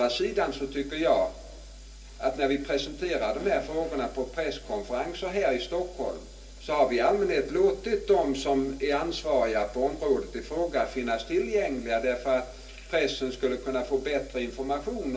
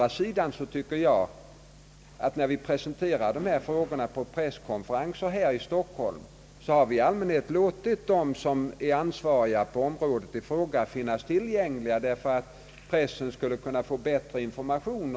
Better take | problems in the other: second | room echo; dies away in 0.3 s

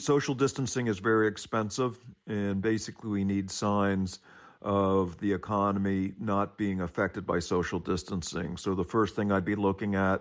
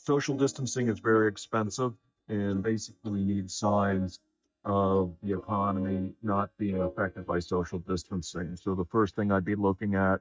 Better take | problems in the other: first | noise reduction (neural mask model DeepFilterNet 3)

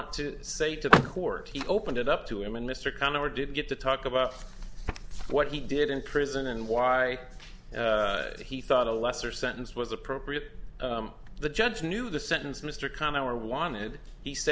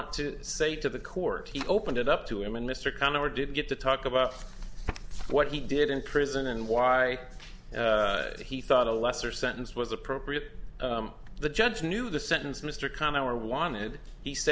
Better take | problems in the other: second | background sound (Vehicle); 3 dB above the speech

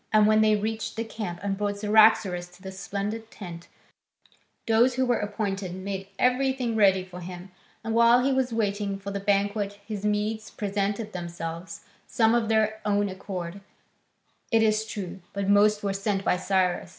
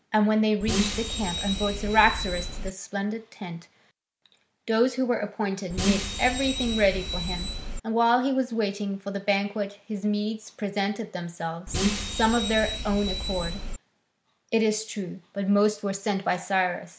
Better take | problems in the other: first | background sound (Bus); 3 dB below the speech

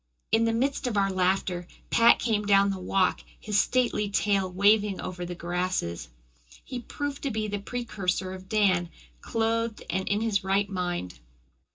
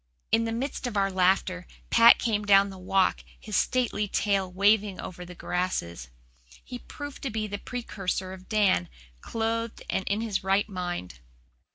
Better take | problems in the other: second | room echo; dies away in 0.2 s

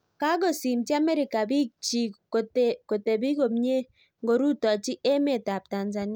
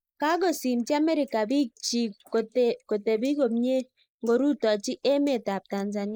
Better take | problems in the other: first | noise reduction (neural mask model Resemble Enhance denoiser)

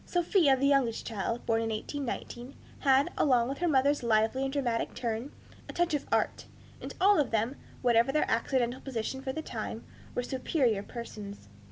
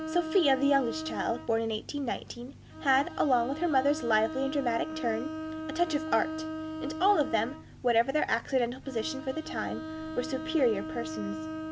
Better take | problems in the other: first | background sound (Bowed string instrument); 8 dB below the speech

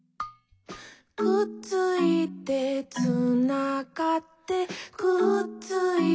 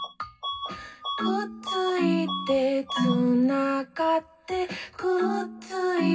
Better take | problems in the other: first | background sound (Bus / Alarm); 12 dB below the speech // room echo; dies away in 0.4 s

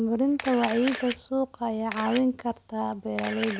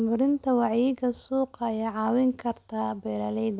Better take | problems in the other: second | background sound (Camera); 12 dB below the speech

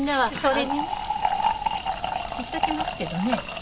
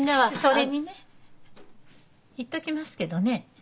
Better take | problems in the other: second | background sound (Fill (with liquid)); 1 dB above the speech

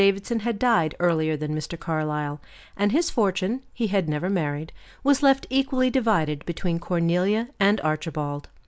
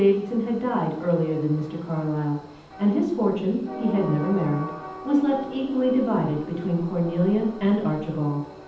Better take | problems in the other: first | background sound (Train); 15 dB below the speech // room echo; dies away in 0.8 s

